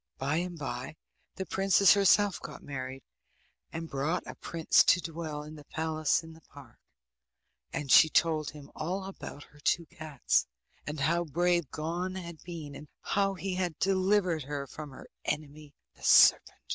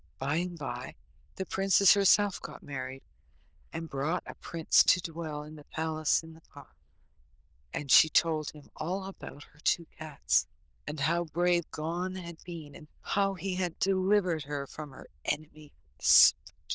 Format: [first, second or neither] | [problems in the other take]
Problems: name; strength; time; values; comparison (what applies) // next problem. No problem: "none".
first | noise reduction (neural diffusion model UNIVERSE++)